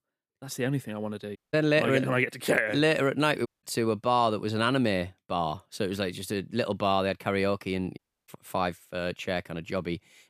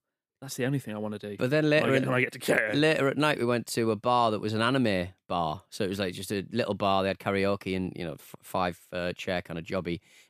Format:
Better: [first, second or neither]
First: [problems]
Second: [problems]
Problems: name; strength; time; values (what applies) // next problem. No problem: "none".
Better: second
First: audio cutting out; at 1.5 s, at 3.5 s and at 8 s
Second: none